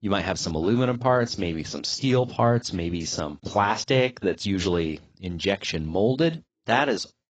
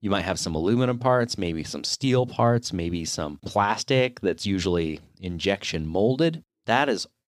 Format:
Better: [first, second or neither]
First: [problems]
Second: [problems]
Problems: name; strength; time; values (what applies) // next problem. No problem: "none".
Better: second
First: garbled, watery; badly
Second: none